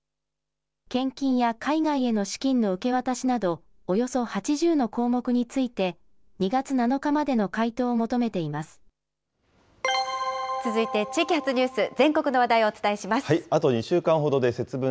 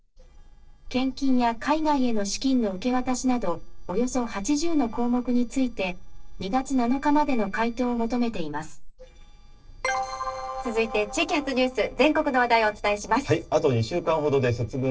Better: first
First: none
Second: noise reduction (neural separator model SepFormer DNS4)

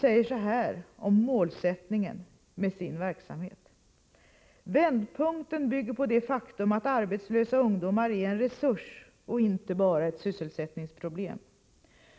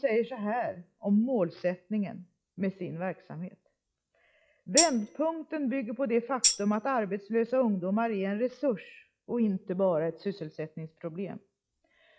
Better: first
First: none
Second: noise reduction (classical method log-MMSE)

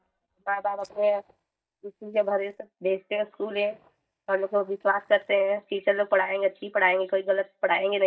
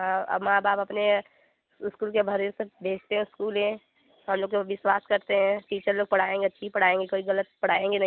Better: second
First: noise reduction (neural mask model DeepFilterNet 3)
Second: none

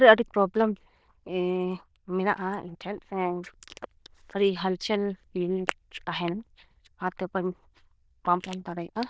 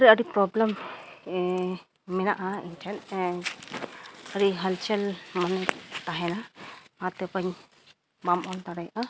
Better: second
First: noise reduction (neural diffusion model UNIVERSE++)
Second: none

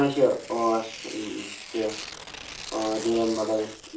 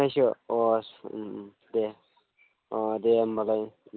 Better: second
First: background sound (Tearing); 13 dB below the speech // room echo; dies away in 0.4 s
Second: none

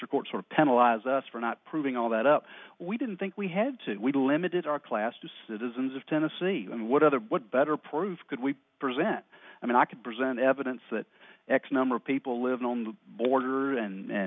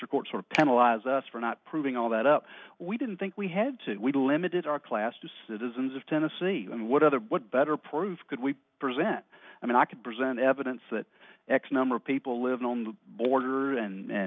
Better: first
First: none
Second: noise reduction (neural separator model SepFormer DNS4)

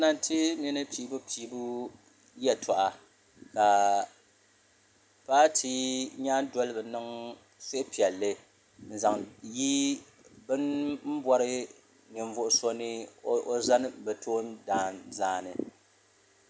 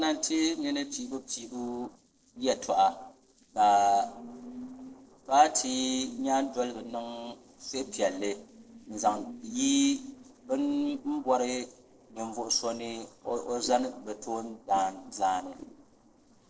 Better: first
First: none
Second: noise reduction (neural separator model SepFormer DNS4)

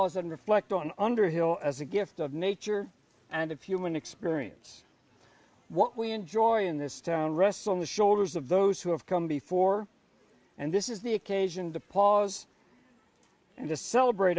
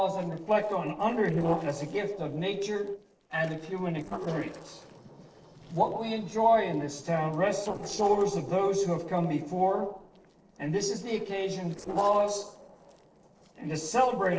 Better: first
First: none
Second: noise reduction (neural separator model SepFormer DNS4)

